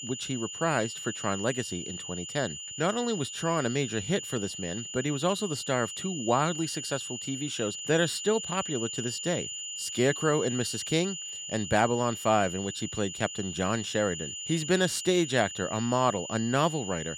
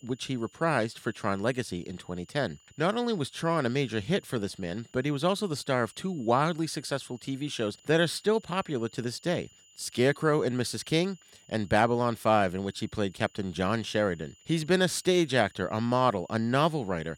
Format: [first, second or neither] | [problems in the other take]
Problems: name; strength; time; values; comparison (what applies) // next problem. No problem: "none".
second | high-pitched whine; loud; throughout; 7 kHz, 6 dB below the speech; faint in the second